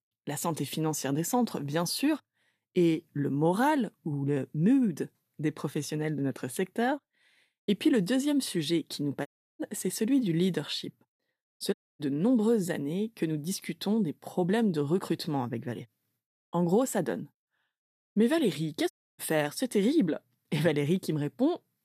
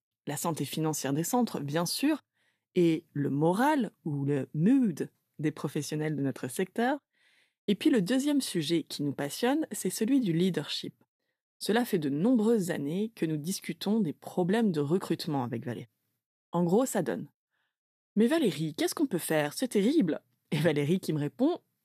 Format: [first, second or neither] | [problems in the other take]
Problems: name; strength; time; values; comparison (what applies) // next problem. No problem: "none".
second | audio cutting out; at 9.5 s, at 12 s and at 19 s